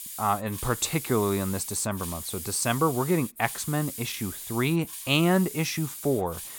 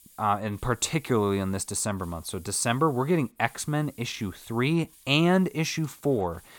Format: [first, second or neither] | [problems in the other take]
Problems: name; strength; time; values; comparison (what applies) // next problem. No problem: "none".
second | hiss; loud; throughout; 9 dB below the speech; faint in the second